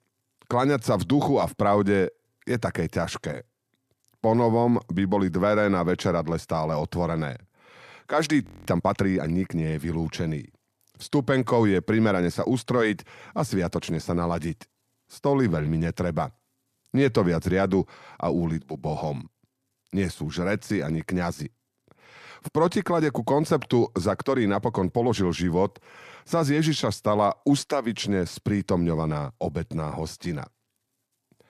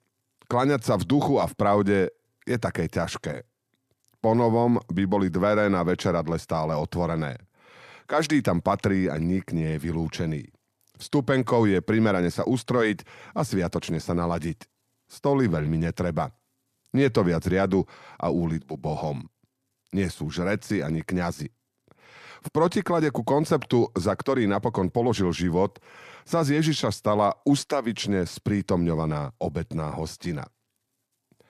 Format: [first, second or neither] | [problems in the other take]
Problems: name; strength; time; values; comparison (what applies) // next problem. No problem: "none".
second | audio freezing; at 8.5 s